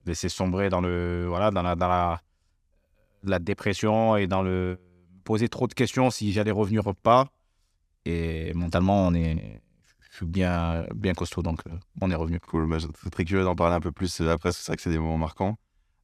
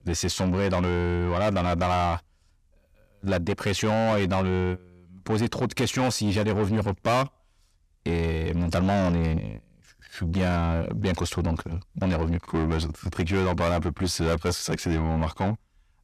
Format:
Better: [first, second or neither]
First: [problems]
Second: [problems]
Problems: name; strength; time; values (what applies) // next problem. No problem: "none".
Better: first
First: none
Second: distortion; heavy; 7 dB below the speech